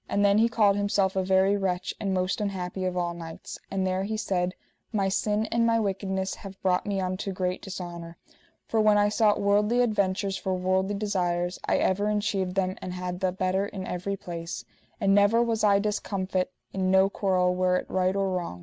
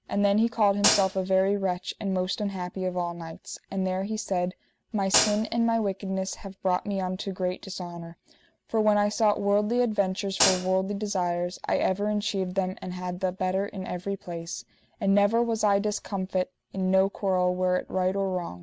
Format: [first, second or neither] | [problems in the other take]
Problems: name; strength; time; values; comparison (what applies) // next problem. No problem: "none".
first | background sound (Hi-hat); 1 dB above the speech